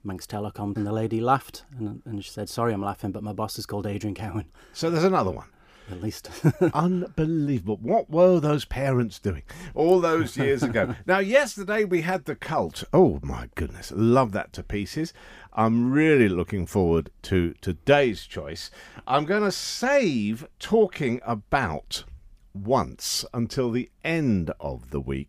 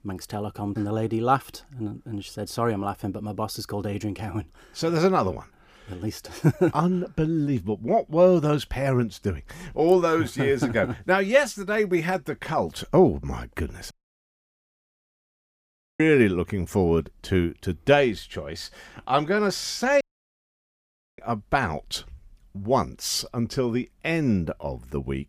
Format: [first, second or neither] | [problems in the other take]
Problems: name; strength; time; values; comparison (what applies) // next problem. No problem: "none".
first | audio cutting out; at 14 s for 2 s and at 20 s for 1 s